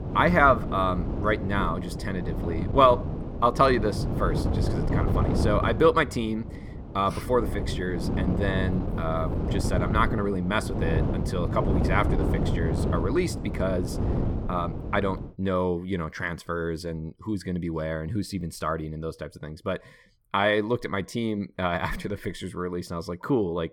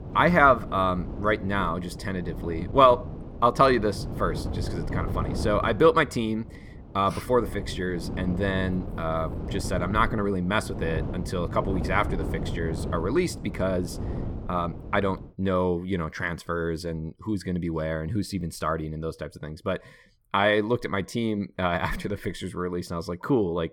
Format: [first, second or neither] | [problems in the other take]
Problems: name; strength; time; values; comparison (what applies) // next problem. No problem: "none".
second | wind noise on the microphone; heavy; until 15 s; 9 dB below the speech; occasional gusts in the second